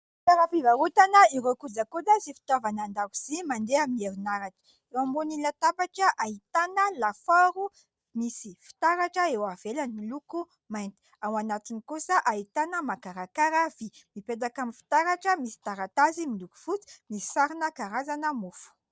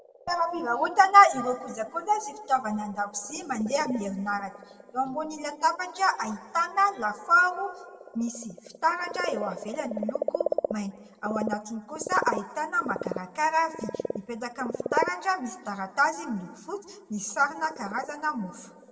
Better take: first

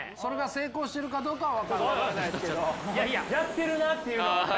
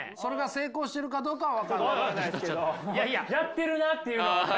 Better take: second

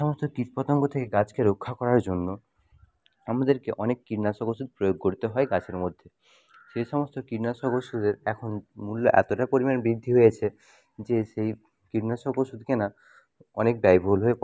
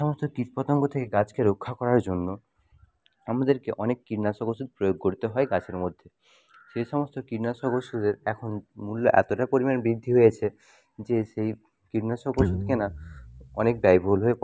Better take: first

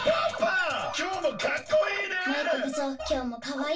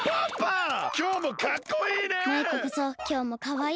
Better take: second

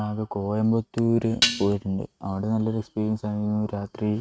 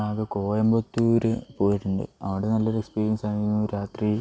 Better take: second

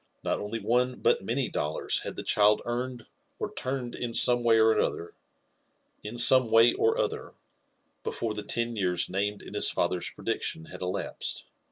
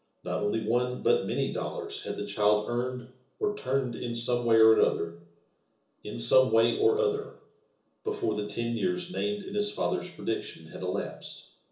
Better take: first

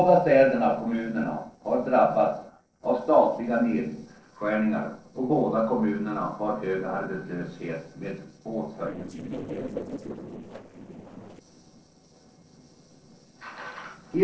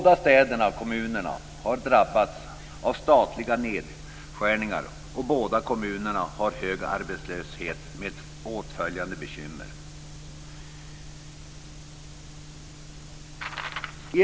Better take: second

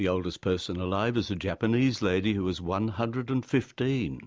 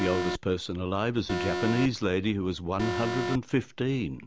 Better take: first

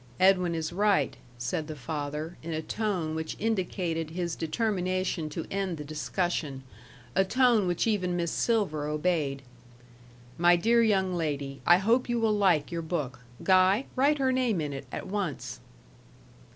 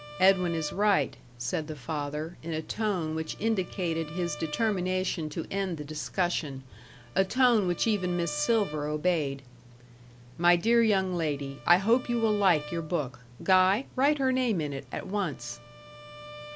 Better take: first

